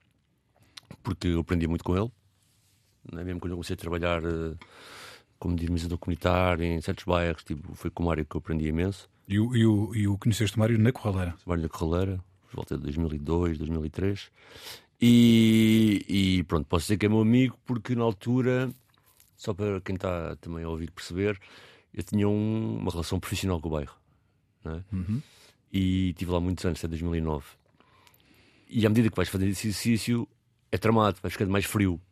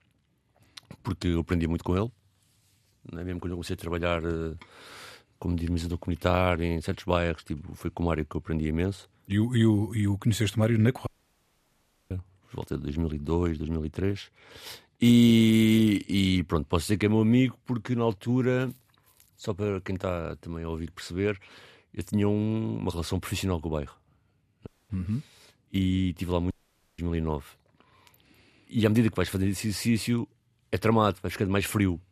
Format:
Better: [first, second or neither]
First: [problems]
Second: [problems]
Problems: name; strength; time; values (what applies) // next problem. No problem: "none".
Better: first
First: none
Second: audio cutting out; at 11 s for 1 s, at 25 s and at 27 s